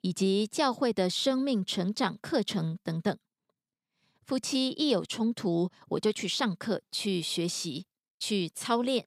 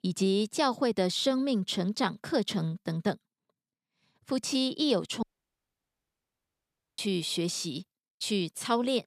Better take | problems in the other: first | audio cutting out; at 5 s for 2 s

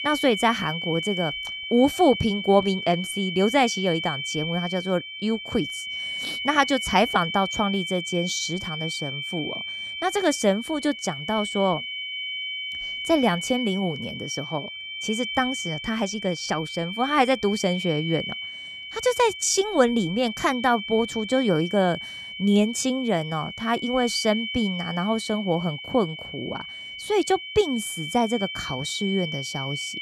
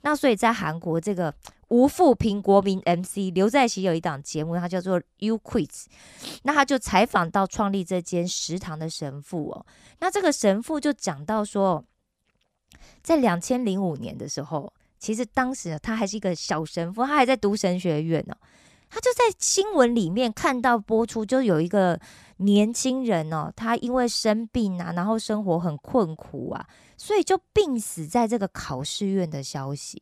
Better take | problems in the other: second | high-pitched whine; loud; throughout; 3 kHz, 6 dB below the speech

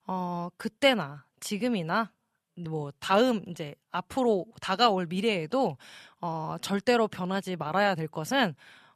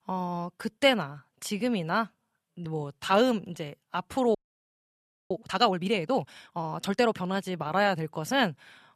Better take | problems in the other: first | audio freezing; at 4.5 s for 1 s

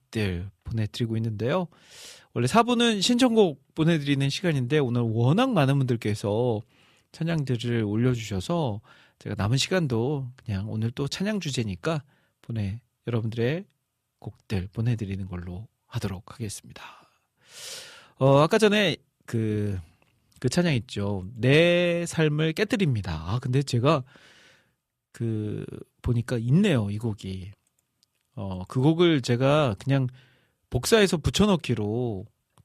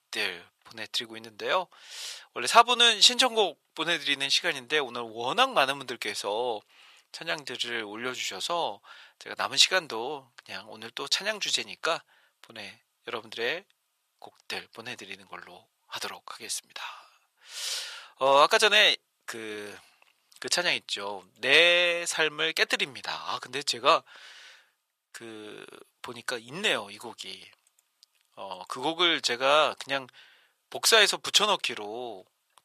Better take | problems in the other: first | thin; very; fading below 850 Hz

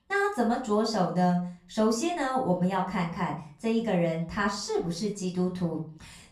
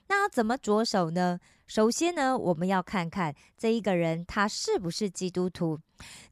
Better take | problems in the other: second | off-mic speech; far // room echo; slight; dies away in 0.4 s

